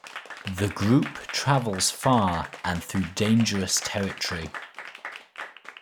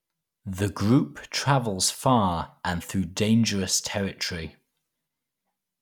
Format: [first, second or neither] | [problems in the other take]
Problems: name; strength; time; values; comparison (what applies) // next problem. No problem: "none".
second | background sound (Applause / Crowd); 13 dB below the speech